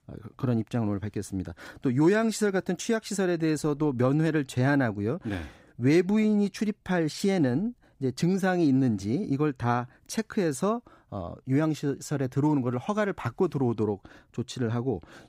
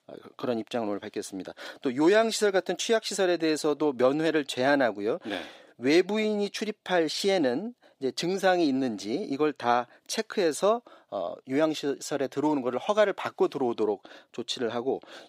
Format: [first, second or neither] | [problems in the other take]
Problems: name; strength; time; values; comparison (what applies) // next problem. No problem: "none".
first | thin; somewhat; fading below 400 Hz